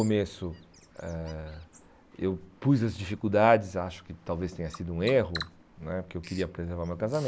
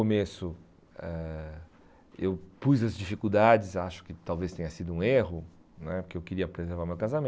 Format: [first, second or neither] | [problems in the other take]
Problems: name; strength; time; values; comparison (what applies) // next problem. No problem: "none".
second | background sound (Bird vocalization, bird call, bird song); 20 dB below the speech